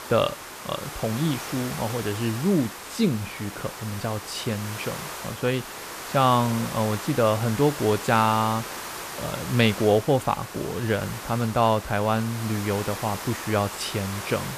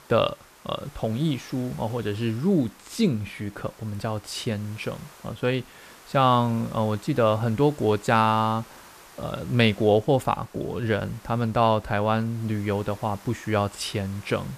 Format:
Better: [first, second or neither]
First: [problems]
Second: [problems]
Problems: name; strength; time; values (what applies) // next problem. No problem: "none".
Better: second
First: hiss; loud; throughout; 9 dB below the speech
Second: hiss; faint; throughout; 25 dB below the speech